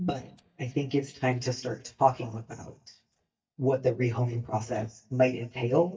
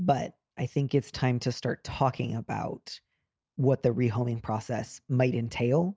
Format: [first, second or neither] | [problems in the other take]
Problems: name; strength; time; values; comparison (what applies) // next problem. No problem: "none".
second | noise reduction (neural mask model DeepFilterNet 3)